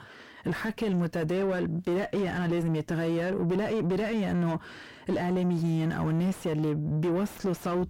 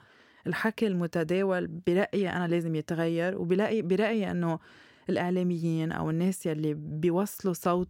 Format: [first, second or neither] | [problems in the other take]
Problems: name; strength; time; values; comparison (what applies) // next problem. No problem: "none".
second | distortion; heavy; 7 dB below the speech